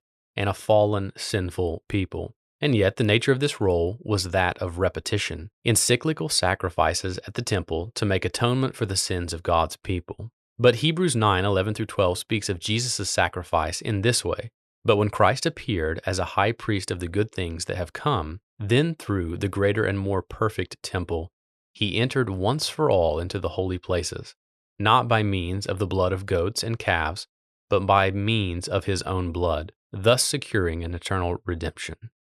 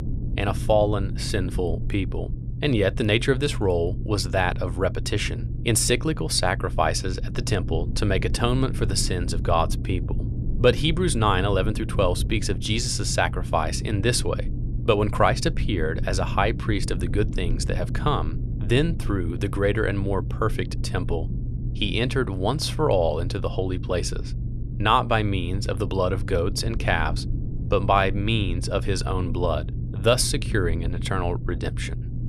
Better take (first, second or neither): first